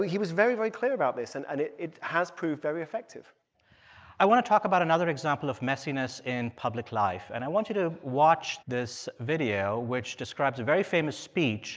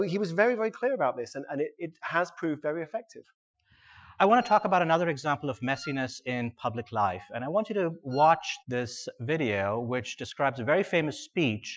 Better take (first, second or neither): first